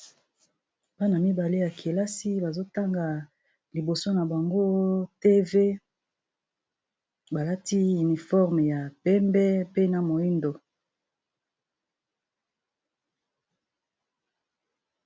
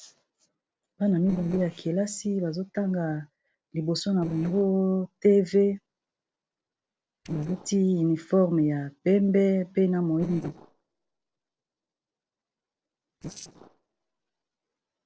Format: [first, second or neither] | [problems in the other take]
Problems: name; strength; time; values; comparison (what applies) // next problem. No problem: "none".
first | noise reduction (neural separator model SepFormer DNS4)